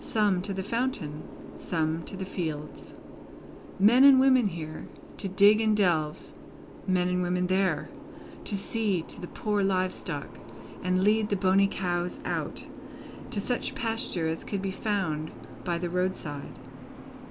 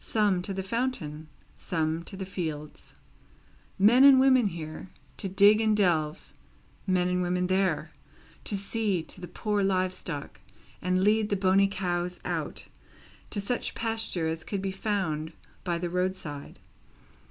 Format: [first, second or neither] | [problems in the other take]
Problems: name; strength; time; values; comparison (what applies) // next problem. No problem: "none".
second | background sound (Boat, Water vehicle); 14 dB below the speech